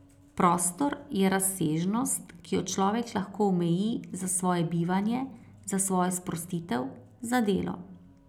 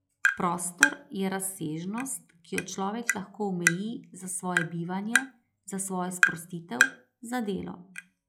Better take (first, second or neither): first